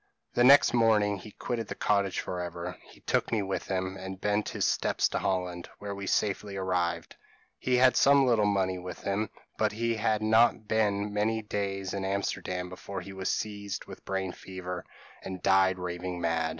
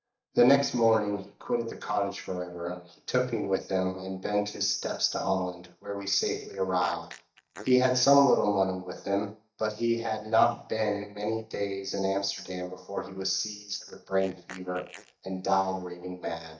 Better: first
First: none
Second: noise reduction (neural mask model DeepFilterNet 3)

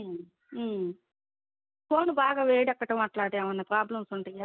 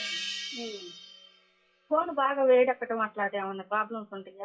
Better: first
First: none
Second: noise reduction (classical method WPE with log-MMSE)

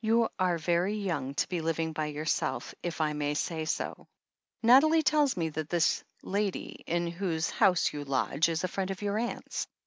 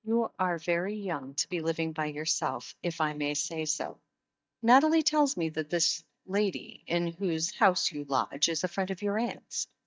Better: first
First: none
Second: noise reduction (neural mask model DeepFilterNet 3)

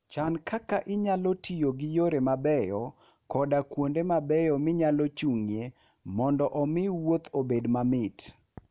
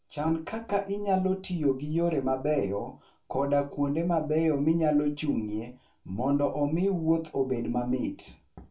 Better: first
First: none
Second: room echo; dies away in 0.2 s

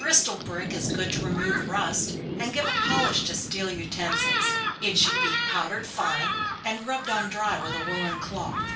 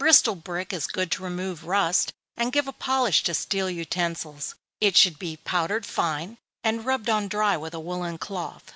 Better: second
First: background sound (Thunderstorm); 1 dB below the speech // room echo; dies away in 0.3 s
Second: none

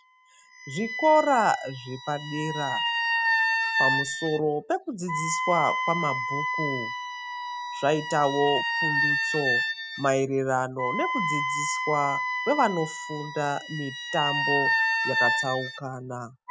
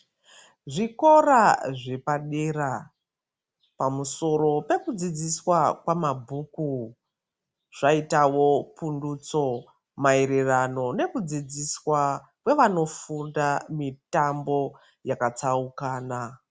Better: second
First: noise reduction (classical method spectral subtraction)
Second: none

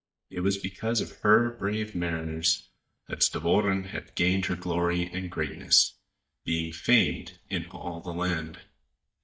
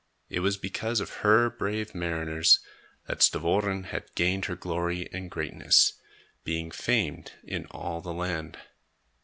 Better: second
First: noise reduction (neural mask model DeepFilterNet 3)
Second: none

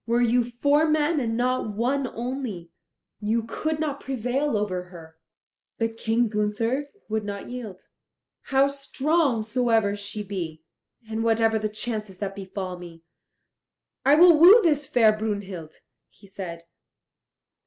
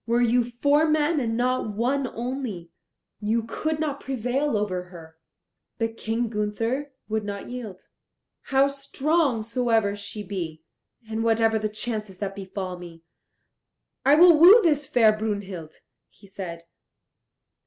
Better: second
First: noise reduction (neural mask model Resemble Enhance denoiser)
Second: none

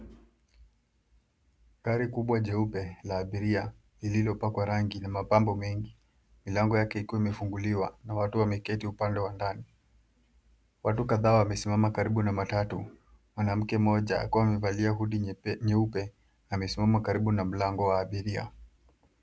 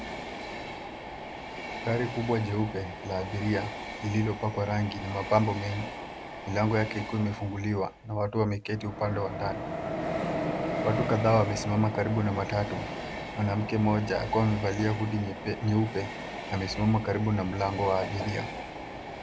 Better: first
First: none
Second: background sound (Train); 7 dB below the speech

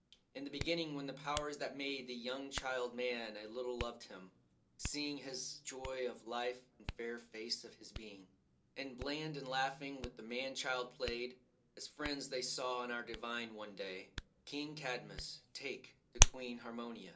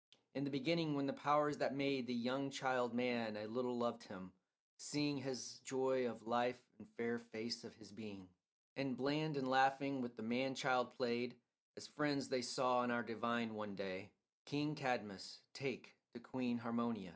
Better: second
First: background sound (Hands); as loud as the speech // room echo; dies away in 0.2 s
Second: none

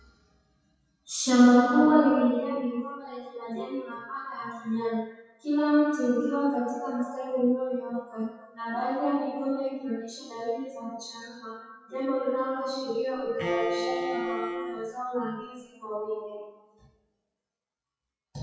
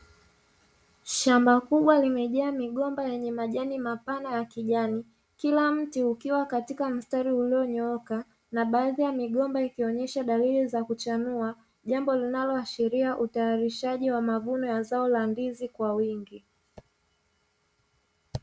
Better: second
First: noise reduction (classical method WPE with log-MMSE)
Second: none

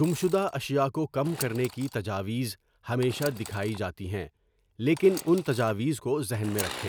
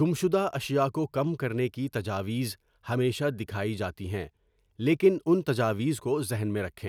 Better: second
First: background sound (Sawing / Engine); 16 dB below the speech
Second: none

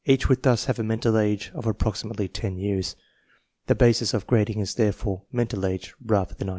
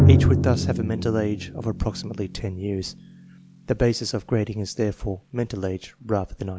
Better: first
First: none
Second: background sound (Drum); 1 dB above the speech

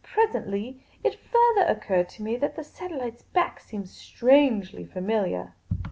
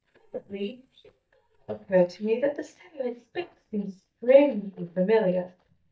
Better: first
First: none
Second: noise reduction (neural mask model DeepFilterNet 3)

